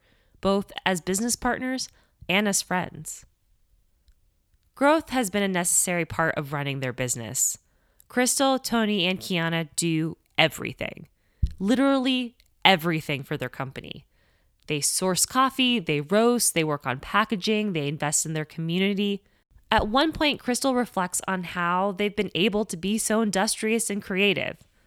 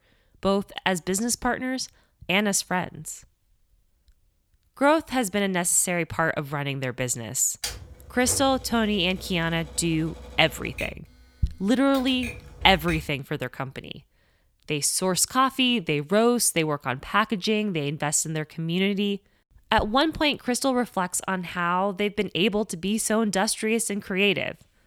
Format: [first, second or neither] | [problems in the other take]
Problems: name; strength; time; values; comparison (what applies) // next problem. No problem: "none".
first | keyboard typing; noticeable; from 7.5 to 13 s; peak 8 dB below the speech